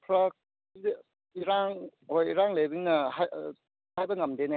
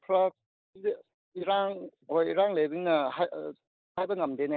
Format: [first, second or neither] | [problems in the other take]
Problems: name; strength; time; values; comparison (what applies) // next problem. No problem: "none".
first | noise reduction (neural mask model Resemble Enhance denoiser)